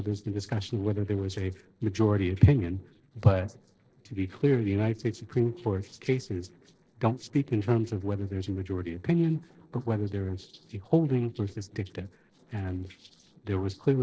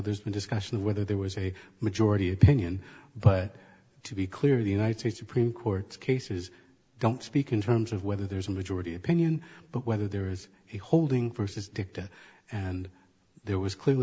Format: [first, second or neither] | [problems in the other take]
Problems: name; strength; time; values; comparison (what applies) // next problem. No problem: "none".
second | noise reduction (neural separator model SepFormer DNS4)